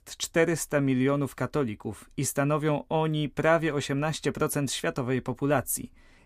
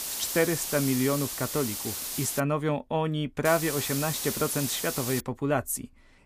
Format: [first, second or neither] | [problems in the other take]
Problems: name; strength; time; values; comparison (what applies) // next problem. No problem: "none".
first | hiss; loud; until 2.5 s and from 3.5 to 5 s; 3 dB below the speech